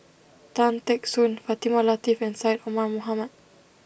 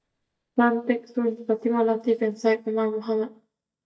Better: first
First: none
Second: noise reduction (neural mask model DeepFilterNet 3)

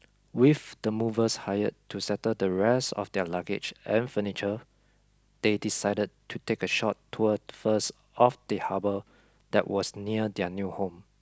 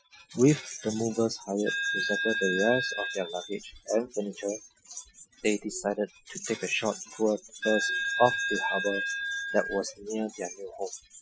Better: first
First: none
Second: noise reduction (classical method Wiener filter)

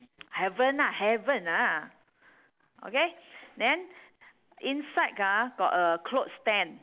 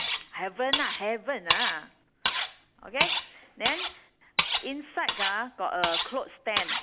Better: first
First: none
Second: background sound (Cutlery, silverware); 1 dB above the speech

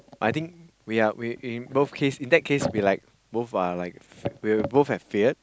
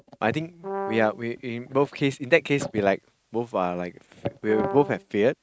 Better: first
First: none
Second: noise reduction (neural mask model RNNoise)

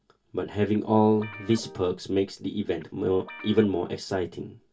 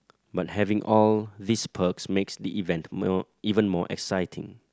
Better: second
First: background sound (Guitar); 18 dB below the speech // room echo; dies away in 0.1 s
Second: none

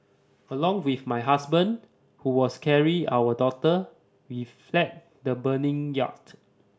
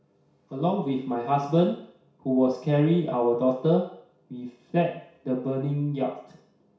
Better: first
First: none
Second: room echo; dies away in 0.6 s

